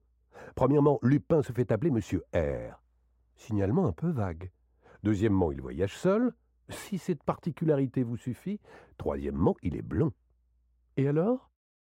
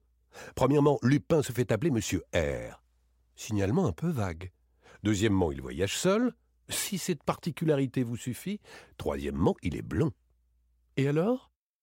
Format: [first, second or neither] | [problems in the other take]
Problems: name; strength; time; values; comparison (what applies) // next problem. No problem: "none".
second | muffled; slightly; fading above 2 kHz